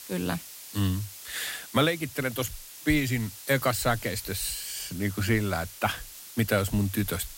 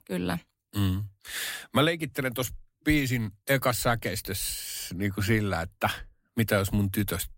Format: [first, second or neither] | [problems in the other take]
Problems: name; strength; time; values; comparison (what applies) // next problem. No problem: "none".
second | hiss; noticeable; throughout; 15 dB below the speech